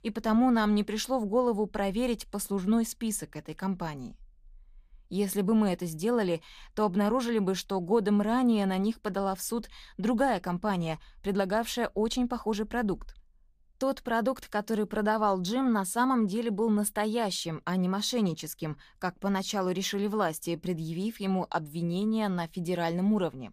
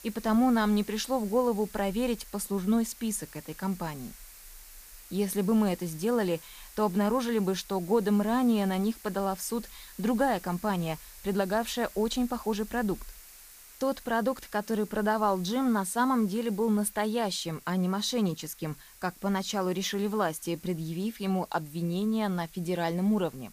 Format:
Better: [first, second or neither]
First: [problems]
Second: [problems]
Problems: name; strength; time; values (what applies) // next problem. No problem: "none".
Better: first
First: none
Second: hiss; noticeable; throughout; 20 dB below the speech